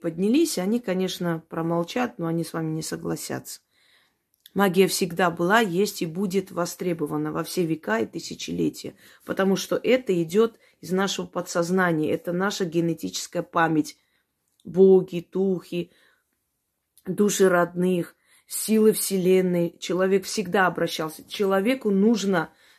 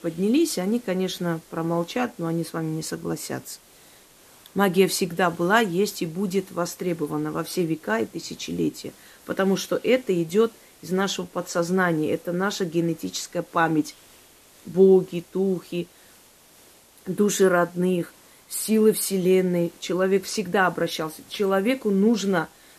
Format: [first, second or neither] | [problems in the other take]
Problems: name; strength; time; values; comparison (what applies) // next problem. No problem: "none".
first | hiss; faint; throughout; 25 dB below the speech